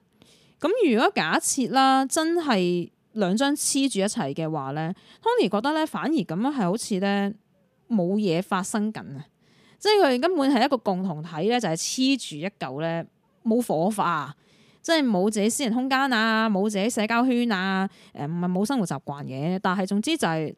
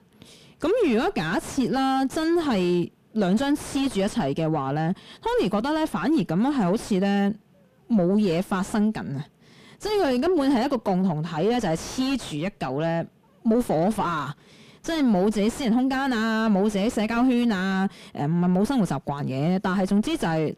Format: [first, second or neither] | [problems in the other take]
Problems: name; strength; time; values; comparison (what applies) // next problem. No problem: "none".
first | distortion; heavy; 6 dB below the speech